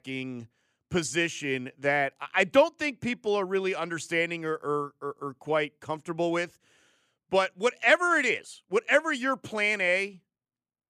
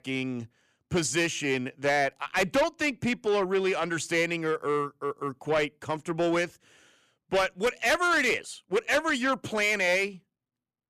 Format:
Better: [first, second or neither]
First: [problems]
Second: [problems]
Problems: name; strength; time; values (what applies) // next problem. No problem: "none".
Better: first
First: none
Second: distortion; heavy; 8 dB below the speech